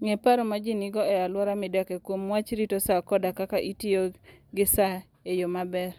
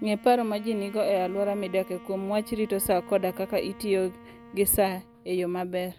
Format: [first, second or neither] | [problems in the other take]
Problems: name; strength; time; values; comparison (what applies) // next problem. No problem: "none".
first | background sound (Bowed string instrument); 19 dB below the speech